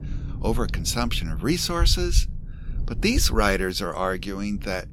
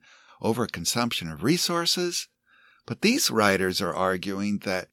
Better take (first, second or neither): second